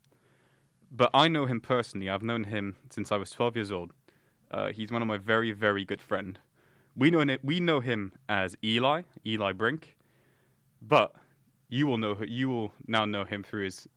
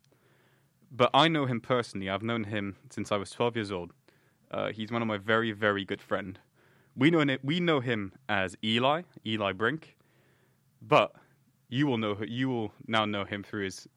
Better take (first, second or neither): second